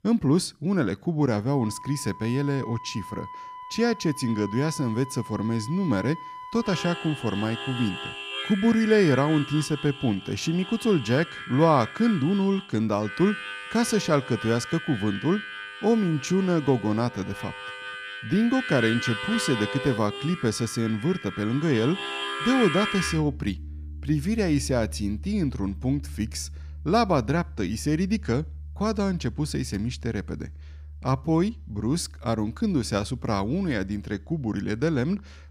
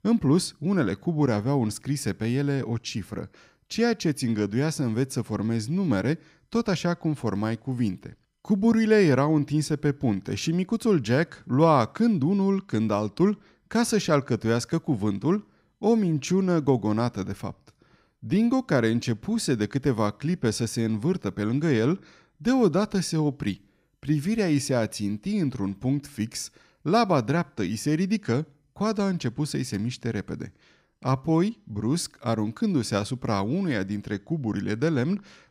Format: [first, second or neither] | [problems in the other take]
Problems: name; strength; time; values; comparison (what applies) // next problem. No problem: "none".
second | background music; noticeable; throughout; 10 dB below the speech